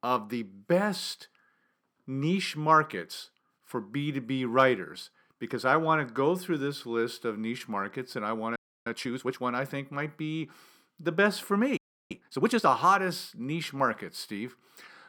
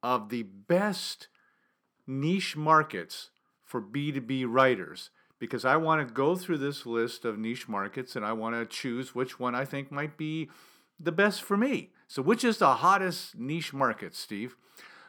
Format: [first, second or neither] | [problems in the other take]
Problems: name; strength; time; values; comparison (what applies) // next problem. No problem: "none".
second | audio freezing; at 8.5 s and at 12 s